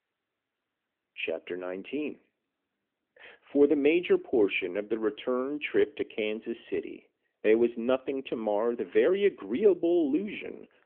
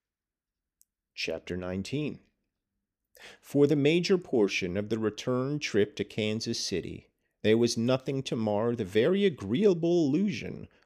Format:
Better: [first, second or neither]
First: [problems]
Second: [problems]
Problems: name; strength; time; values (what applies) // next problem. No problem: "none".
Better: second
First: phone-call audio; nothing above 3 kHz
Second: none